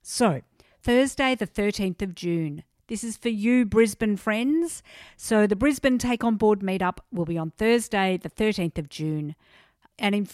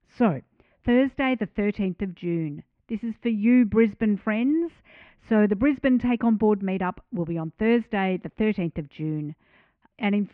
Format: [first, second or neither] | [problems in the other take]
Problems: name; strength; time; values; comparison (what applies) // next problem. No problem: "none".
first | muffled; very; fading above 2.5 kHz